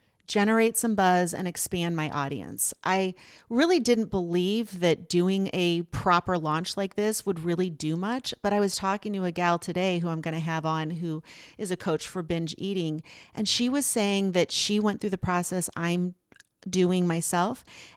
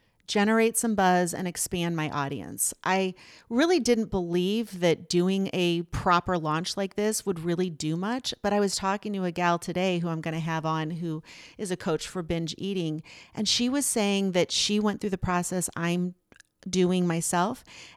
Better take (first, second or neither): second